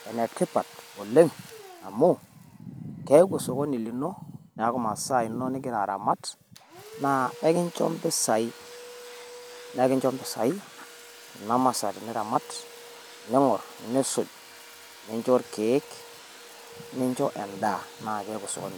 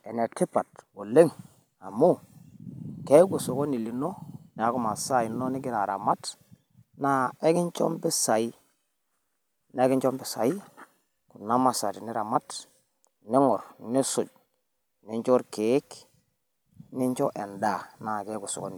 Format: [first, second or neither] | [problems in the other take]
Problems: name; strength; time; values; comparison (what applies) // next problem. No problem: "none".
second | background sound (Domestic sounds, home sounds); 19 dB below the speech